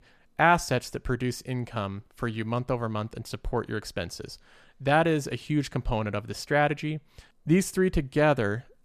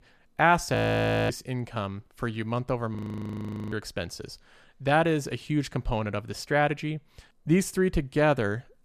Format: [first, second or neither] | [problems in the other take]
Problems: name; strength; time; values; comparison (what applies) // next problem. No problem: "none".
first | audio freezing; at 1 s for 0.5 s and at 3 s for 1 s